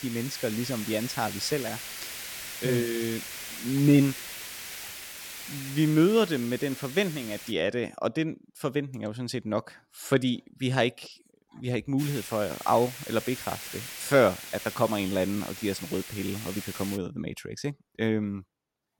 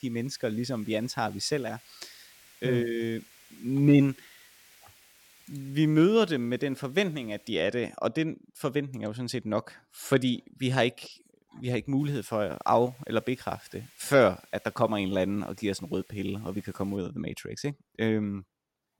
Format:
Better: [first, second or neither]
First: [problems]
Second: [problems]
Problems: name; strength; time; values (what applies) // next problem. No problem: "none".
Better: second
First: hiss; loud; until 7.5 s and from 12 to 17 s; 9 dB below the speech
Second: hiss; faint; until 7.5 s and from 12 to 17 s; 25 dB below the speech